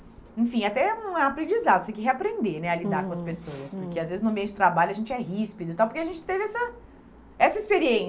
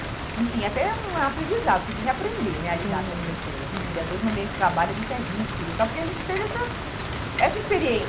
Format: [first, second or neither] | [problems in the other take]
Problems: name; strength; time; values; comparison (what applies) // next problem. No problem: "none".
first | background sound (Rain); 4 dB below the speech